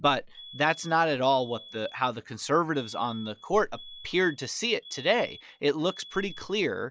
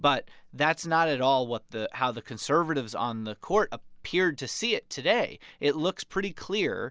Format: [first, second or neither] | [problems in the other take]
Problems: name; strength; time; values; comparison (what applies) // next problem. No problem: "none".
second | noise reduction (classical method log-MMSE)